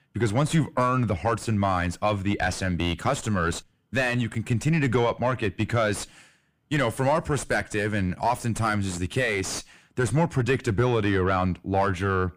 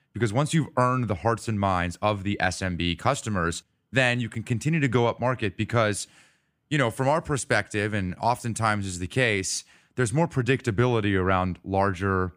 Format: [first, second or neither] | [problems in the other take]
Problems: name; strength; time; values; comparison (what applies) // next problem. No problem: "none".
second | distortion; heavy; 6 dB below the speech